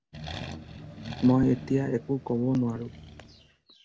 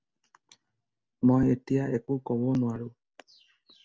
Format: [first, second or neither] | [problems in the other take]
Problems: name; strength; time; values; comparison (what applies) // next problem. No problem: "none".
second | background sound (Accelerating, revving, vroom); 14 dB below the speech